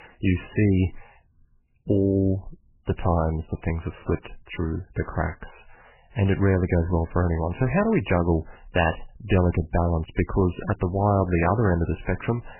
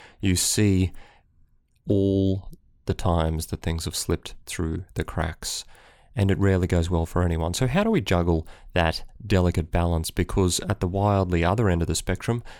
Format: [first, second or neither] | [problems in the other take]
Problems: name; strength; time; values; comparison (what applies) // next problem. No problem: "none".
second | garbled, watery; badly; nothing above 3 kHz